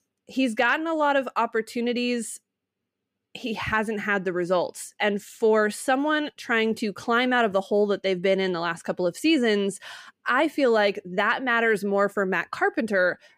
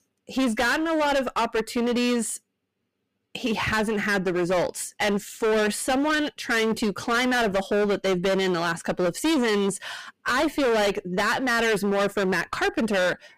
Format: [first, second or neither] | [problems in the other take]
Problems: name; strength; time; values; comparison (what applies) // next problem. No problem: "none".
first | distortion; heavy; 26% of the sound clipped